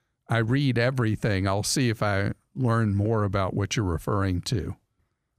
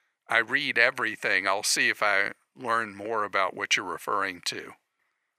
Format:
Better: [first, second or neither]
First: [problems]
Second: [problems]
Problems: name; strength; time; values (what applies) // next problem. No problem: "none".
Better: first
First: none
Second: thin; very; fading below 600 Hz